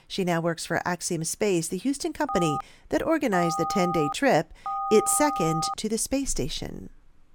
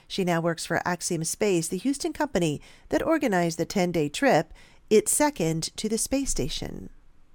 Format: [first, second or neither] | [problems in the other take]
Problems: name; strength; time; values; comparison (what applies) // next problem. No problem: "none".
second | phone ringing; noticeable; from 2.5 to 5.5 s; peak 3 dB below the speech